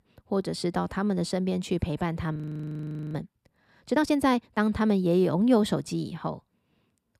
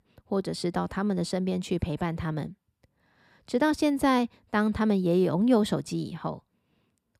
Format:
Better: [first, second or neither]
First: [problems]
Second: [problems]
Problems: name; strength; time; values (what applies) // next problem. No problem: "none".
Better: second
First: audio freezing; at 2.5 s for 1 s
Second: none